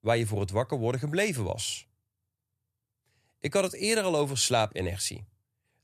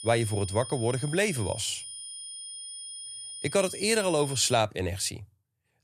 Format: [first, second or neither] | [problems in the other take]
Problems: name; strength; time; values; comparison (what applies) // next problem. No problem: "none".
first | high-pitched whine; noticeable; until 4.5 s; 9.5 kHz, 10 dB below the speech